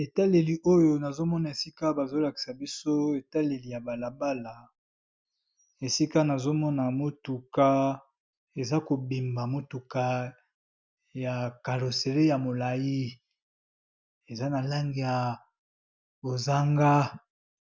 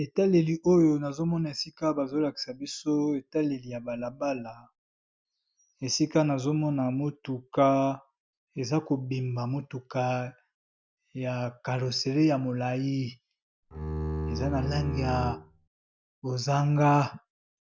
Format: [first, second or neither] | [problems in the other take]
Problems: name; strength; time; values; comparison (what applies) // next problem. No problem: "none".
first | background sound (Bowed string instrument); 4 dB below the speech